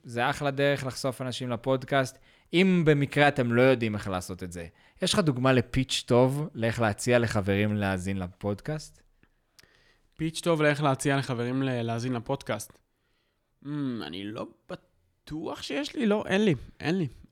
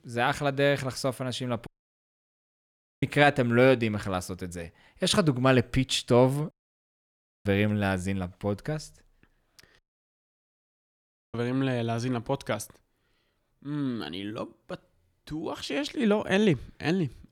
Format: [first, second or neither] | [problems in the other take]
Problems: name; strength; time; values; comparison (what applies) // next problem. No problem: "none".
first | audio cutting out; at 1.5 s for 1.5 s, at 6.5 s for 1 s and at 10 s for 1.5 s